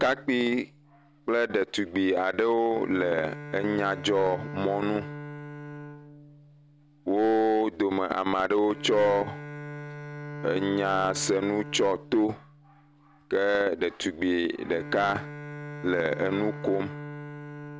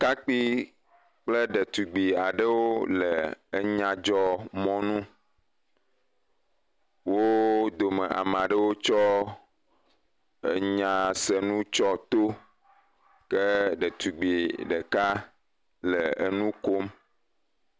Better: second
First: background sound (Bowed string instrument); 13 dB below the speech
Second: none

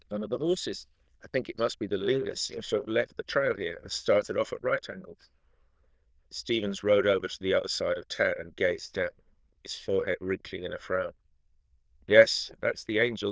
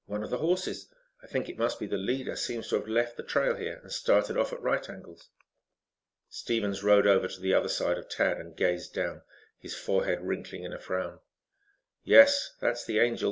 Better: second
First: noise reduction (neural diffusion model UNIVERSE++)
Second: none

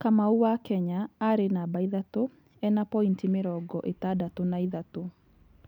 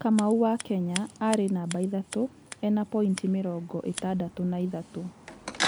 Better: first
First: none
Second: background sound (Scissors); 12 dB below the speech

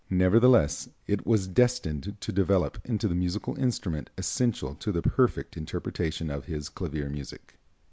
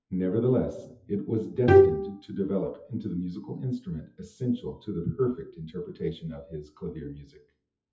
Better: first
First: none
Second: noise reduction (classical method WPE with log-MMSE)

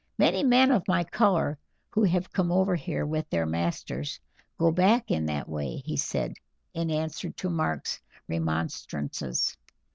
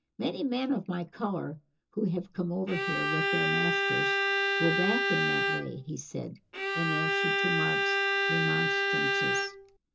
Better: first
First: none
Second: background sound (Bowed string instrument); 5 dB above the speech // room echo; dies away in 0.2 s

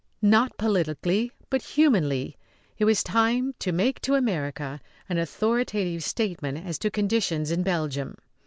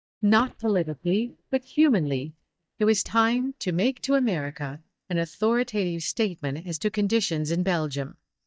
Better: first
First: none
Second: noise reduction (neural mask model DeepFilterNet 3)

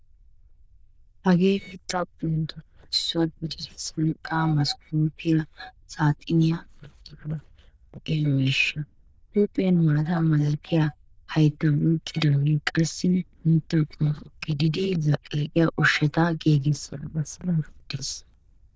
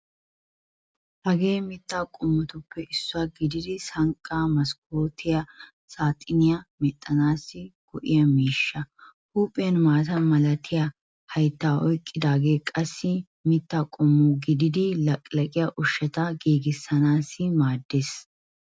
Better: second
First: noise reduction (neural diffusion model UNIVERSE++)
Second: none

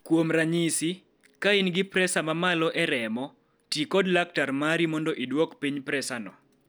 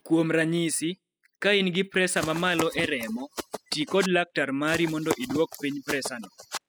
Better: first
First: none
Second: noise reduction (classical method spectral subtraction)

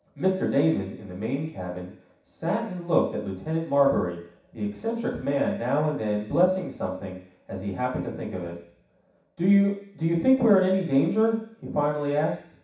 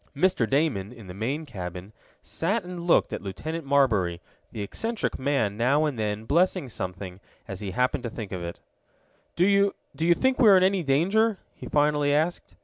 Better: second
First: room echo; dies away in 0.7 s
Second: none

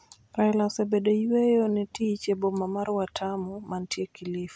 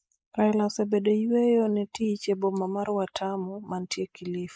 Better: first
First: none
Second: noise reduction (neural mask model Resemble Enhance denoiser)

